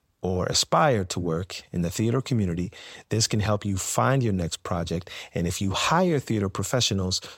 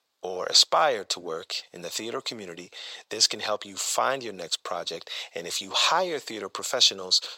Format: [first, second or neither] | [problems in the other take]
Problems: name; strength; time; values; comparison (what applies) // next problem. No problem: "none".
first | thin; very; fading below 600 Hz